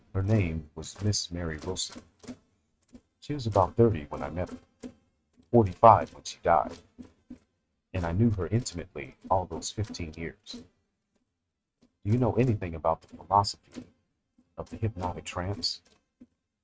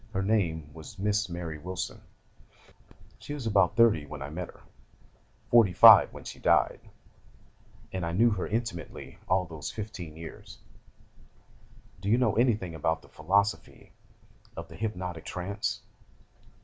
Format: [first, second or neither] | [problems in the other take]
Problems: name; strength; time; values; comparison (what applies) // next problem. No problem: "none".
second | noise reduction (neural mask model RNNoise)